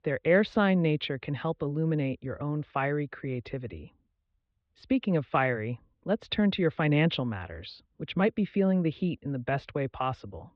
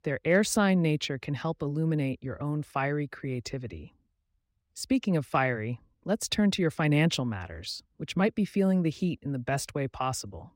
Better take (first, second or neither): second